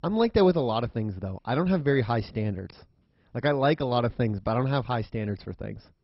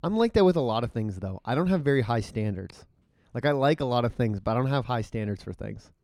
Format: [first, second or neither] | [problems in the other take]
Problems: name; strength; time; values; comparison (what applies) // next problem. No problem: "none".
second | garbled, watery; badly; nothing above 5.5 kHz